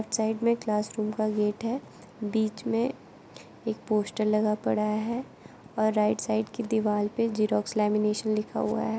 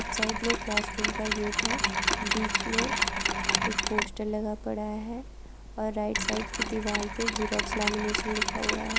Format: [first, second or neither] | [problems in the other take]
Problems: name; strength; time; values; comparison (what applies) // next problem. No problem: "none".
first | background sound (Mechanisms); 3 dB above the speech